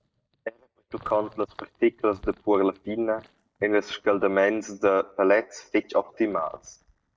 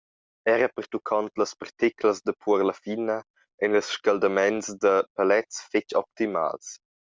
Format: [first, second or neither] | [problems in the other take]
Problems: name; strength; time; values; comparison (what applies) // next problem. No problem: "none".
second | noise reduction (neural mask model DeepFilterNet 3)